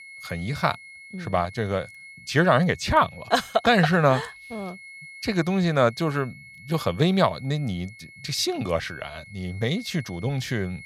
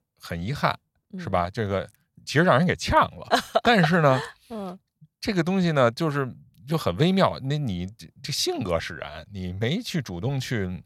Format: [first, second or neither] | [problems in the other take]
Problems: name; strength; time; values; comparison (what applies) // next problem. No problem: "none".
second | high-pitched whine; noticeable; throughout; 2 kHz, 20 dB below the speech